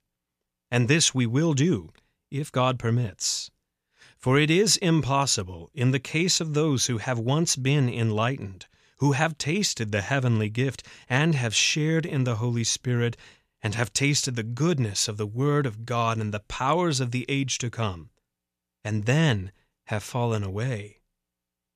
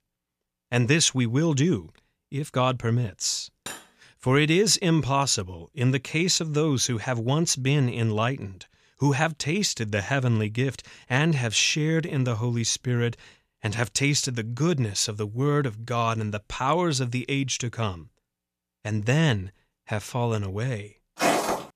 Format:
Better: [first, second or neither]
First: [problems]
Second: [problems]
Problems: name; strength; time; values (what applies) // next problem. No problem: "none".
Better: first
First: none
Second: clattering dishes; faint; at 3.5 s; peak 15 dB below the speech // footsteps; loud; at 21 s; peak 2 dB above the speech